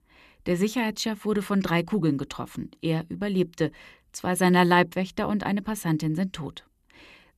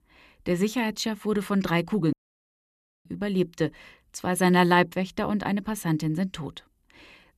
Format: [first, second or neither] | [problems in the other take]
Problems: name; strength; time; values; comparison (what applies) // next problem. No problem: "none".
first | audio cutting out; at 2 s for 1 s